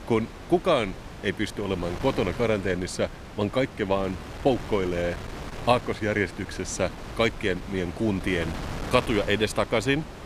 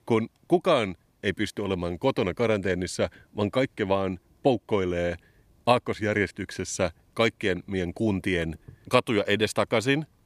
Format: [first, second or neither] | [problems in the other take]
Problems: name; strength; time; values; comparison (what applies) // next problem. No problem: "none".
second | wind noise on the microphone; occasional gusts; 15 dB below the speech